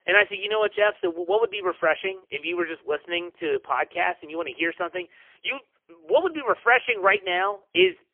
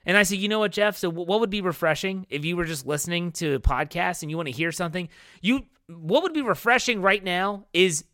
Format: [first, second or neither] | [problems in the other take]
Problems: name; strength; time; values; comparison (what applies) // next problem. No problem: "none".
second | phone-call audio; poor line; nothing above 3 kHz